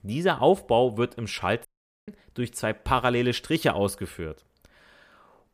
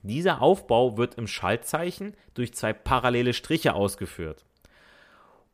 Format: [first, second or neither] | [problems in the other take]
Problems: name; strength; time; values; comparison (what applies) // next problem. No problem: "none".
second | audio cutting out; at 1.5 s